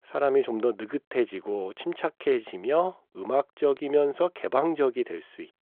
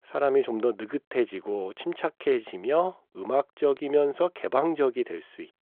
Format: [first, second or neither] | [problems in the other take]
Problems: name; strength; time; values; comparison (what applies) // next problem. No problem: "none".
neither | phone-call audio; the same in both